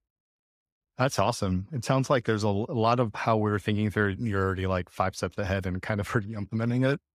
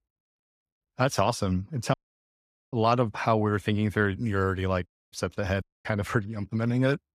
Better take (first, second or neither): first